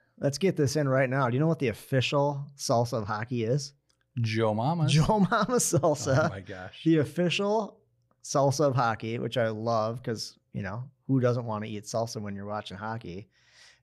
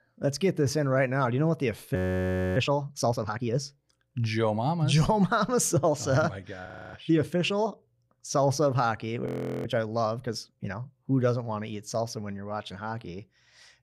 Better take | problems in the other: first | audio freezing; at 2 s for 0.5 s, at 6.5 s and at 9.5 s

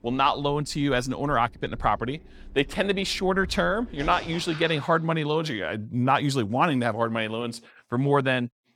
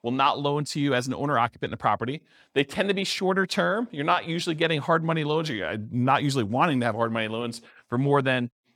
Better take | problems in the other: second | household noises; noticeable; until 4.5 s; 20 dB below the speech

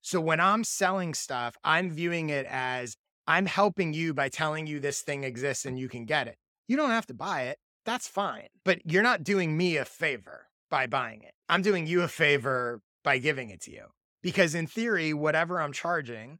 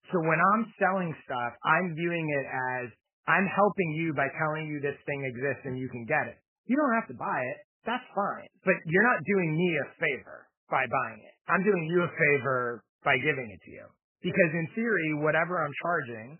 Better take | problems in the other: first | garbled, watery; badly; nothing above 2.5 kHz

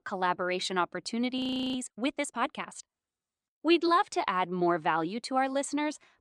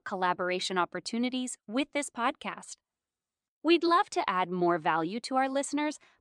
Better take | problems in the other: second | audio freezing; at 1.5 s

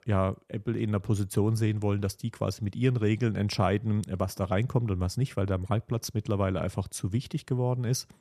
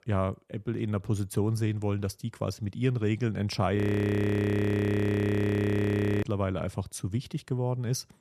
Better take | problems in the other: first | audio freezing; at 4 s for 2.5 s

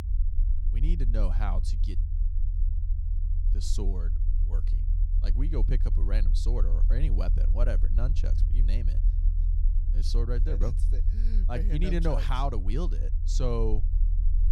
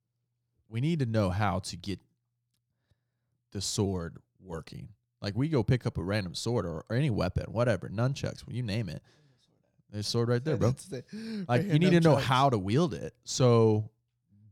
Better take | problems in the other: second | low rumble; noticeable; throughout; 10 dB below the speech

